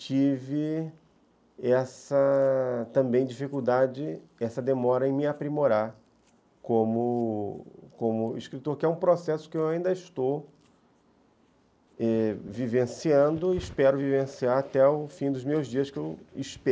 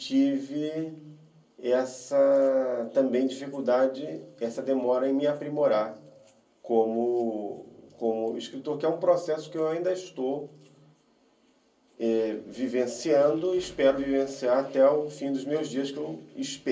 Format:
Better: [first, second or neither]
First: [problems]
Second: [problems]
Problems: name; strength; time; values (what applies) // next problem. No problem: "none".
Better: first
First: none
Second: room echo; dies away in 0.3 s